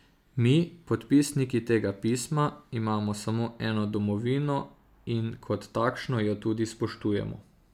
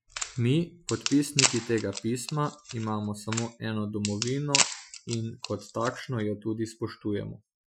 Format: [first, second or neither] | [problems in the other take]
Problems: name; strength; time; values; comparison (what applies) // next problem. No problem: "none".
first | noise reduction (classical method Wiener filter)